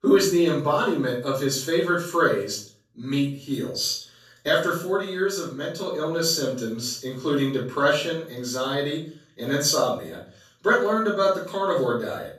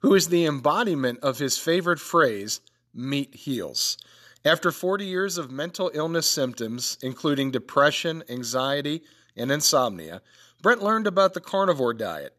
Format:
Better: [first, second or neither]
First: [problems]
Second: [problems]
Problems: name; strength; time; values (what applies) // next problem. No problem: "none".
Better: second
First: off-mic speech; far // room echo; noticeable; dies away in 0.4 s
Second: none